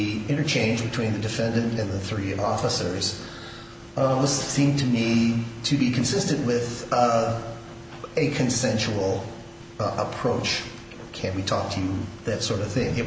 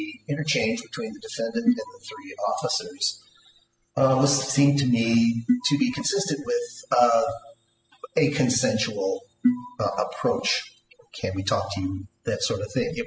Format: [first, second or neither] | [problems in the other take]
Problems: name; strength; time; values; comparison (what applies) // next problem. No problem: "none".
first | noise reduction (classical method spectral subtraction)